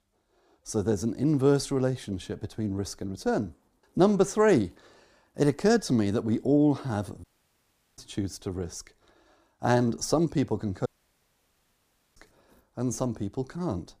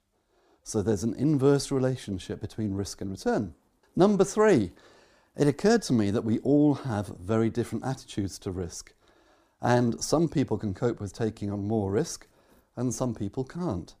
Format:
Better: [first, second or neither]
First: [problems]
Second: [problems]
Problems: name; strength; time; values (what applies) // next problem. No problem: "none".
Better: second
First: audio cutting out; at 7 s for 0.5 s and at 11 s for 1.5 s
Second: none